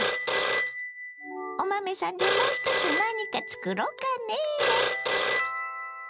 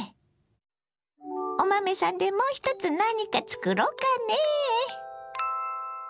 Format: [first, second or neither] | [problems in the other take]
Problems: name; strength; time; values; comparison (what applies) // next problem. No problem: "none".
second | background sound (Telephone); 2 dB above the speech